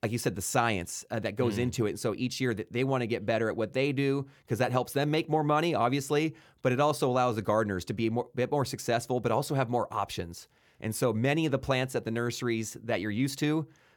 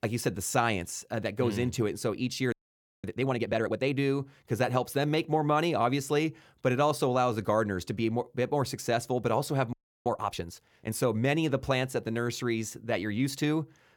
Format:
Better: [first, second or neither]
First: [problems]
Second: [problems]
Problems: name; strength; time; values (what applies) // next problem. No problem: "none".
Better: first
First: none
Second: audio freezing; at 2.5 s for 0.5 s and at 9.5 s